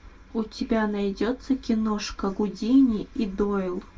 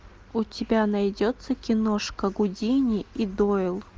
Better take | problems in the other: second | room echo; dies away in 0.1 s

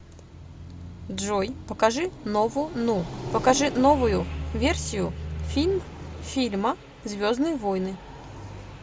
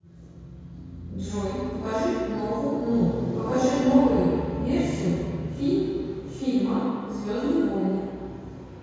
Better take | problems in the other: first | room echo; dies away in 2 s

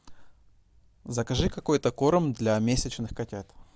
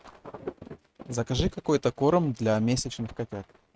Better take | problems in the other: first | noise reduction (neural mask model RNNoise)

